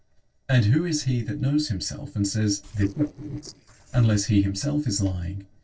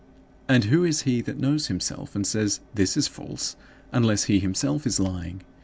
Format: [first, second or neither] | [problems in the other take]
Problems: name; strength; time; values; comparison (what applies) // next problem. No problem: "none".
second | noise reduction (neural separator model SepFormer DNS4)